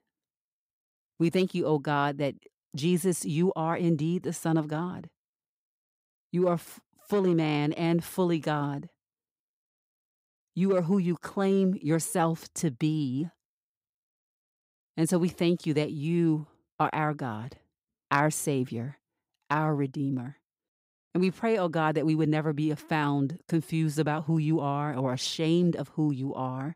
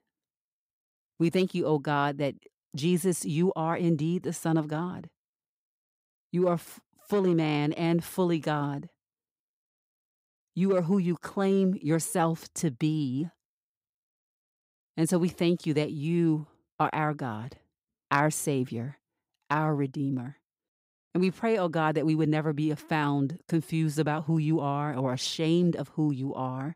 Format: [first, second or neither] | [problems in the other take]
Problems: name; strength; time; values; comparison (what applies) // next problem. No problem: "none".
neither | none